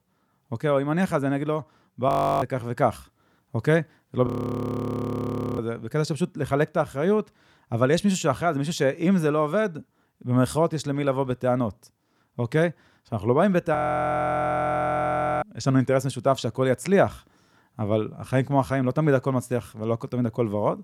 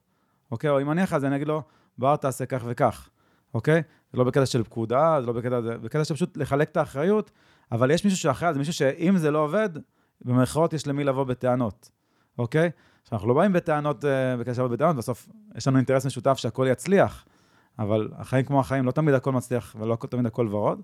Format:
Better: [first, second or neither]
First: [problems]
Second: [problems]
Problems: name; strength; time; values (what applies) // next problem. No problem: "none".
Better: second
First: audio freezing; at 2 s, at 4.5 s for 1.5 s and at 14 s for 1.5 s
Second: none